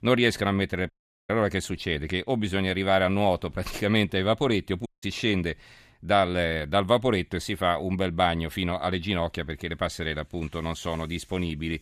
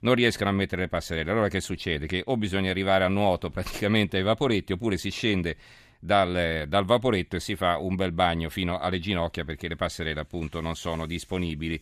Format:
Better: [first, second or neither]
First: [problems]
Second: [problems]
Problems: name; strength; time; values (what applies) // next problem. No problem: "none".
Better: second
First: audio cutting out; at 1 s and at 5 s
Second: none